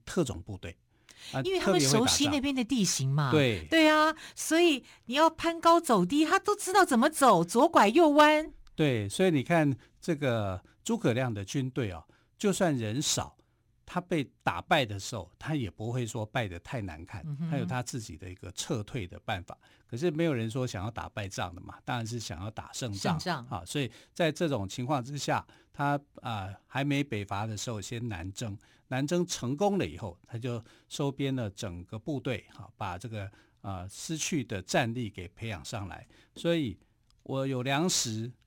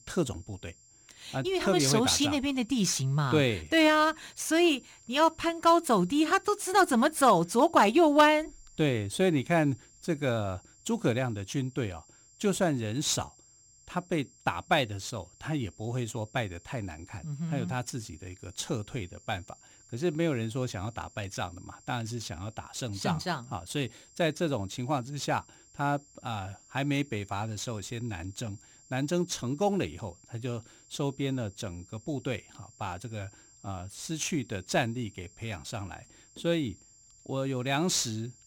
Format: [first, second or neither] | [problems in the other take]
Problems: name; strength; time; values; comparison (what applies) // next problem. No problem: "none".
first | high-pitched whine; faint; throughout; 7.5 kHz, 25 dB below the speech